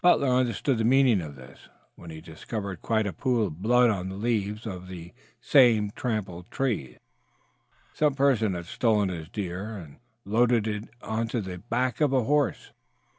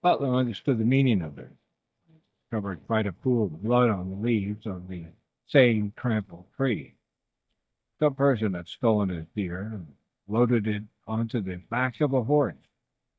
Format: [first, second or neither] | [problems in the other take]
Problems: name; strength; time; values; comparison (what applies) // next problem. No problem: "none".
first | noise reduction (neural mask model DeepFilterNet 3)